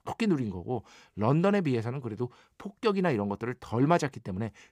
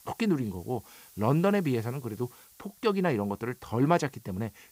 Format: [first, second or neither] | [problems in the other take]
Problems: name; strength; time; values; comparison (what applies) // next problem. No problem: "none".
first | hiss; faint; throughout; 25 dB below the speech